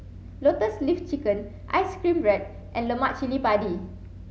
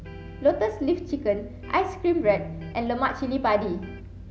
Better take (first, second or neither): first